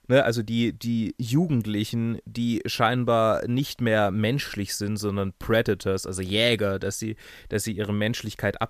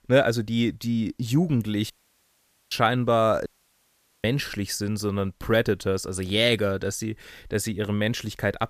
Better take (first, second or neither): first